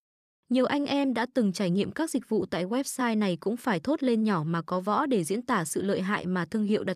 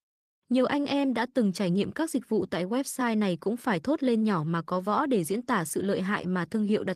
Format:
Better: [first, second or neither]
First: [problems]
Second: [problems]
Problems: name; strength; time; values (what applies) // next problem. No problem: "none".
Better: first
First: none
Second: garbled, watery; slightly; nothing above 14.5 kHz